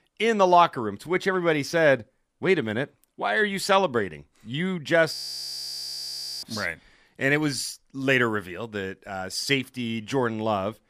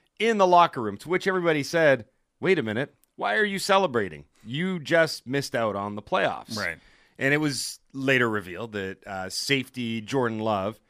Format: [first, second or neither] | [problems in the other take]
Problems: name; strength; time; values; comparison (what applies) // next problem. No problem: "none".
second | audio freezing; at 5 s for 1.5 s